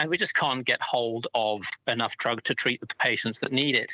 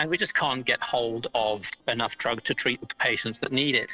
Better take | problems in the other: first | noise reduction (neural separator model SepFormer DNS4)

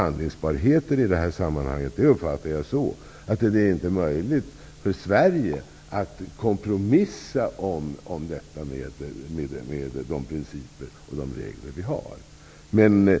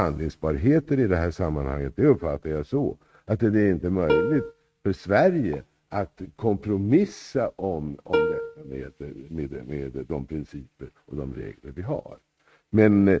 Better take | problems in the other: first | noise reduction (neural mask model RNNoise)

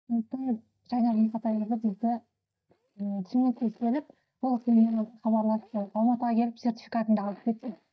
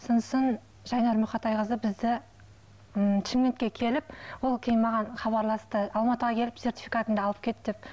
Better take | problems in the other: second | noise reduction (neural mask model DeepFilterNet 3)

